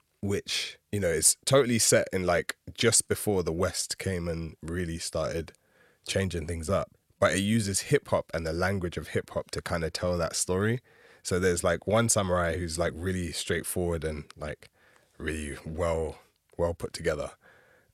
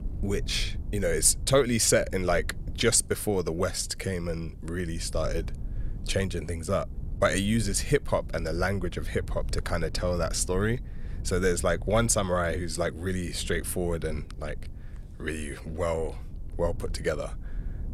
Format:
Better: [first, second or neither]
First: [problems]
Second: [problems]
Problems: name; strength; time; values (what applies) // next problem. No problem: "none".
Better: first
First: none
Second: low rumble; faint; throughout; 25 dB below the speech